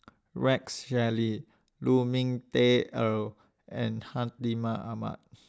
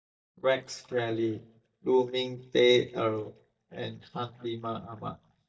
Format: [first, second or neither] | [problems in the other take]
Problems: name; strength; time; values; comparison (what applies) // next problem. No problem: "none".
first | noise reduction (neural mask model DeepFilterNet 3)